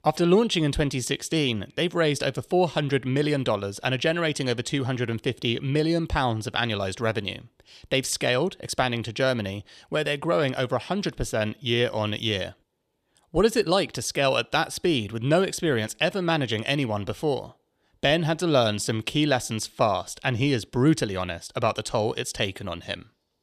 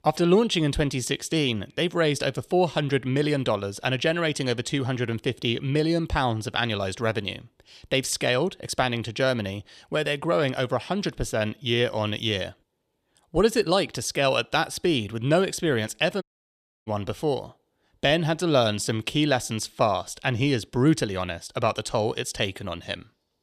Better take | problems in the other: first | audio cutting out; at 16 s for 0.5 s

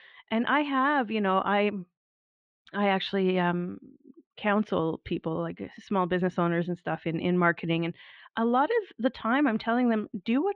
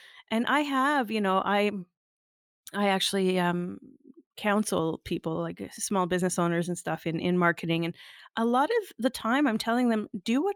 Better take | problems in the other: second | muffled; slightly; fading above 3 kHz

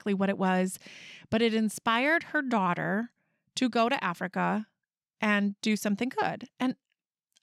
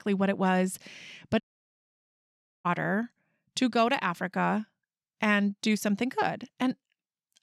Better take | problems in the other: first | audio cutting out; at 1.5 s for 1 s

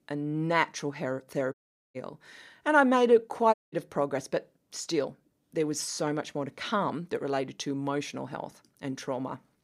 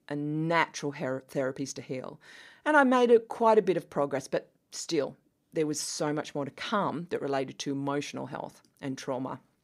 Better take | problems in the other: second | audio cutting out; at 1.5 s and at 3.5 s

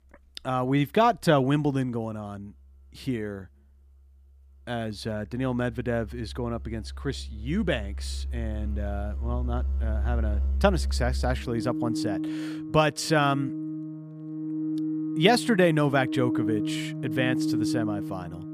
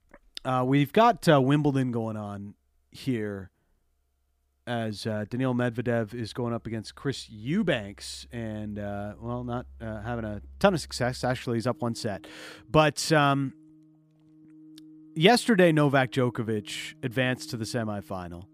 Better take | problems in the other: second | background music; loud; throughout; 4 dB below the speech; faint in the second

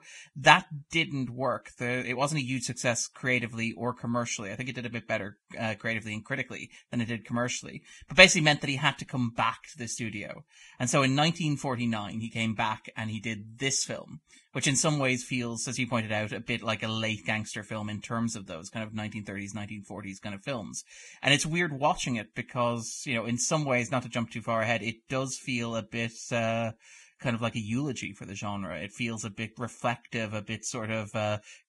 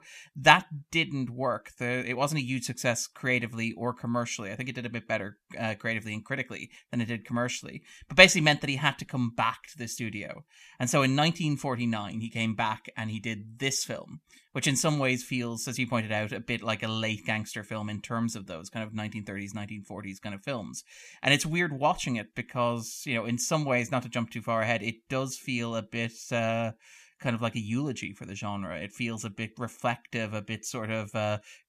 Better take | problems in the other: second | garbled, watery; badly; nothing above 10 kHz

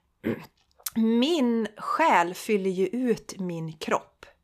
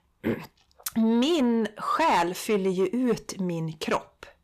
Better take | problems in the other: first | distortion; slight; 10 dB below the speech

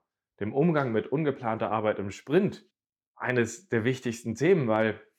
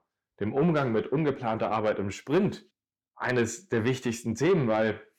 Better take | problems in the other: first | distortion; slight; 10 dB below the speech

